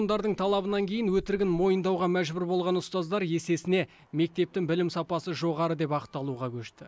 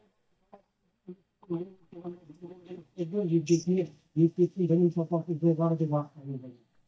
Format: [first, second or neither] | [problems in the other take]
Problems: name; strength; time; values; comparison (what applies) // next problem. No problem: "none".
first | noise reduction (neural mask model DeepFilterNet 3)